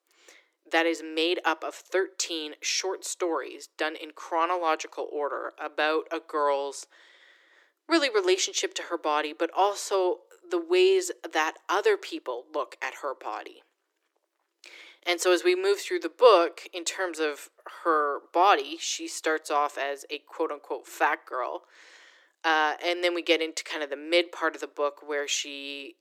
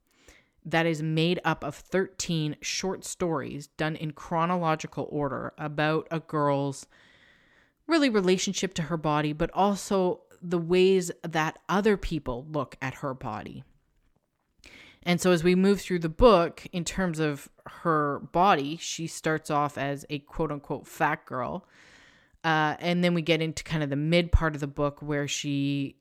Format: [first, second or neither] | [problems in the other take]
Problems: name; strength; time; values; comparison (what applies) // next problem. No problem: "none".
second | thin; very; fading below 350 Hz